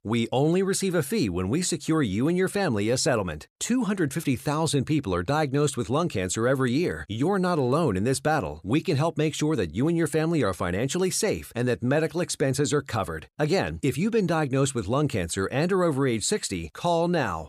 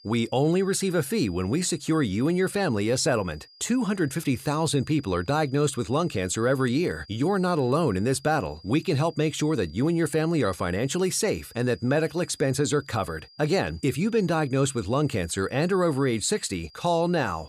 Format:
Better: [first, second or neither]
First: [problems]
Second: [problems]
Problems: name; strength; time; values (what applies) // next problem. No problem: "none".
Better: first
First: none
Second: high-pitched whine; faint; throughout; 5 kHz, 25 dB below the speech